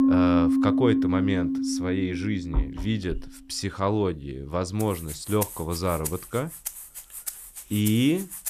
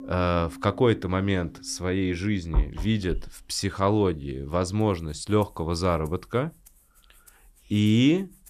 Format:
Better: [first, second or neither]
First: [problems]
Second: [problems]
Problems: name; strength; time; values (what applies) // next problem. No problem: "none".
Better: second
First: background music; loud; throughout; as loud as the speech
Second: background music; faint; throughout; 25 dB below the speech